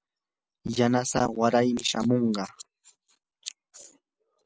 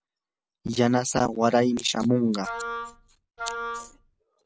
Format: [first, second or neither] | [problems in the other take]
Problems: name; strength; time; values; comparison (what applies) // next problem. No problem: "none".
first | background sound (Wind instrument, woodwind instrument); 9 dB below the speech